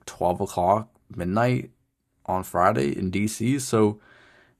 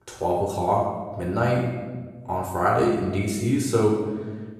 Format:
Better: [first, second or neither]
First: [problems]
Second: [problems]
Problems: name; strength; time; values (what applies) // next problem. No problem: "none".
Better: first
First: none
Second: off-mic speech; far // room echo; noticeable; dies away in 1.2 s